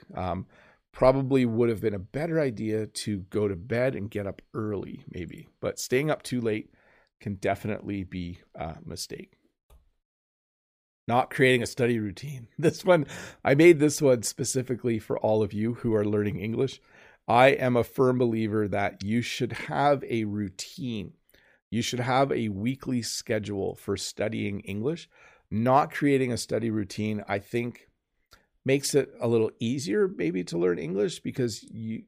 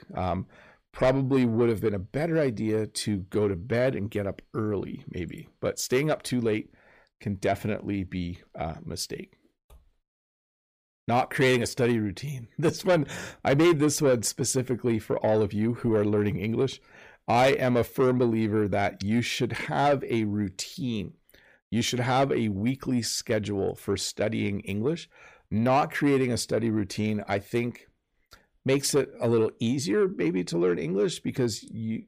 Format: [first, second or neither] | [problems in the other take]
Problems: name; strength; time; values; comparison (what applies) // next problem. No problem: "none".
first | distortion; slight; 10 dB below the speech